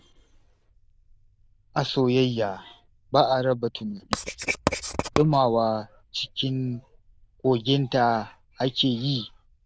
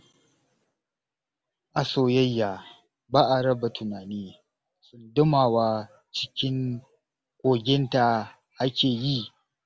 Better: second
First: noise reduction (neural diffusion model UNIVERSE++)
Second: none

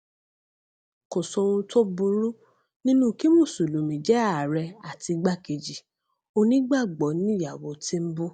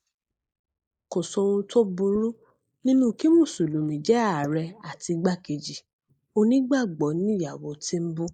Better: first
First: none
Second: noise reduction (neural mask model Resemble Enhance denoiser)

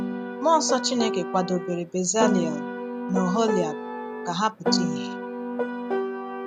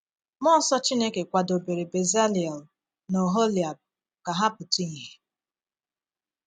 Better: second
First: background sound (Piano); 2 dB below the speech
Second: none

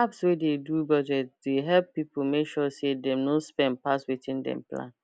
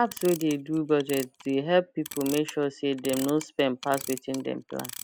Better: first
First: none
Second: background sound (Clock); 15 dB below the speech

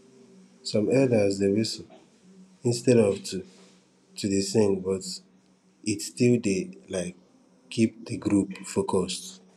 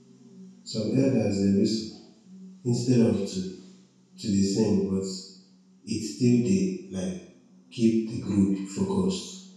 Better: first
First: none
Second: room echo; dies away in 0.6 s

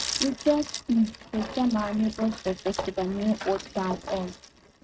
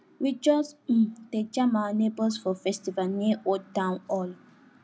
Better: second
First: noise reduction (neural mask model RNNoise)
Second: none

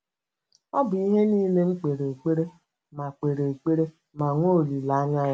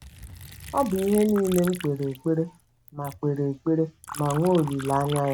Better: first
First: none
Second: background sound (Liquid); 16 dB below the speech

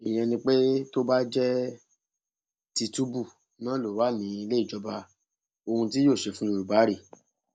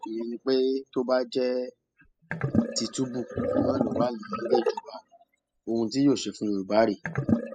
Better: first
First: none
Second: noise reduction (classical method spectral subtraction)

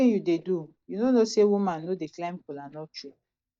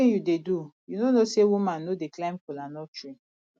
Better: second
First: noise reduction (neural mask model DeepFilterNet 3)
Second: none

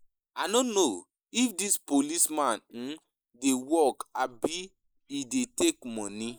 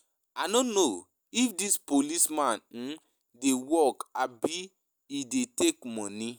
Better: second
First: noise reduction (neural mask model Resemble Enhance denoiser)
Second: none

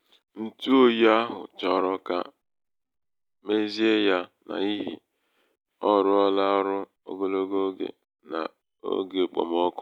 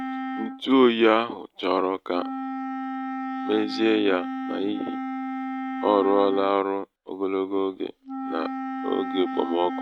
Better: first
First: none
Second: noise reduction (neural mask model RNNoise)

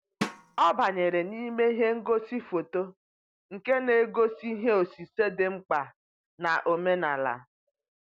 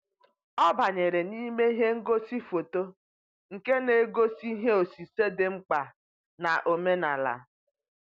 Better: second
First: background sound (Drum); 11 dB below the speech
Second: none

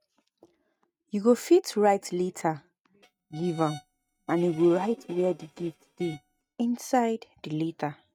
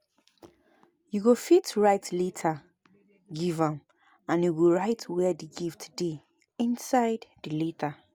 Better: second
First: noise reduction (neural mask model RNNoise)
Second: none

